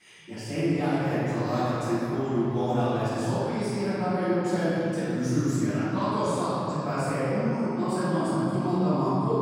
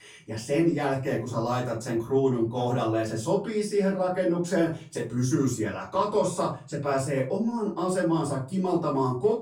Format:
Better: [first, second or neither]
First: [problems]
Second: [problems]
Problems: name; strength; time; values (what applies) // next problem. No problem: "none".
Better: second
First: room echo; strong; dies away in 3 s // off-mic speech; far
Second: room echo; slight; dies away in 0.3 s // off-mic speech; far